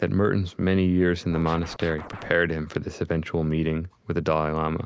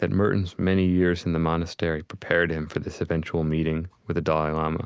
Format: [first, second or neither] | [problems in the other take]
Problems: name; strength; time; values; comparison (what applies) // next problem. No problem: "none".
second | background sound (Scratching (performance technique)); 16 dB below the speech